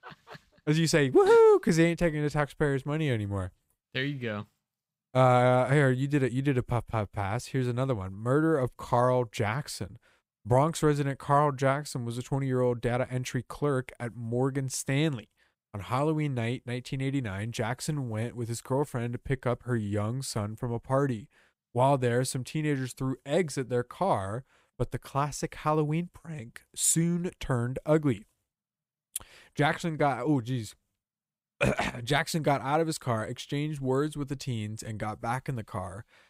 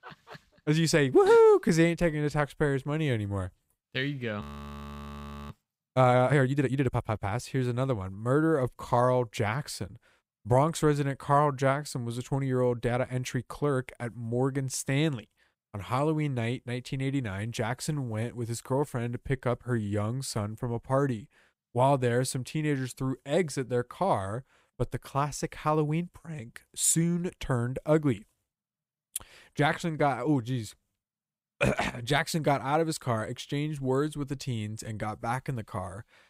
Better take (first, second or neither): first